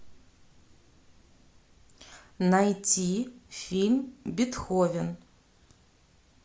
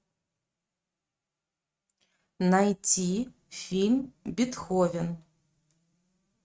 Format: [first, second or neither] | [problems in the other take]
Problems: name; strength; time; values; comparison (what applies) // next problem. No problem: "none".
first | noise reduction (neural mask model RNNoise)